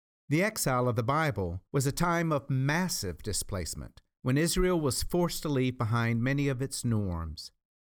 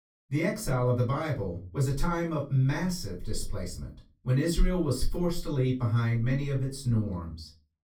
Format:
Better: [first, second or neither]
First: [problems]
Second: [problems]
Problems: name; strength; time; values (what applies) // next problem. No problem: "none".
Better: first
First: none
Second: off-mic speech; far // room echo; slight; dies away in 0.3 s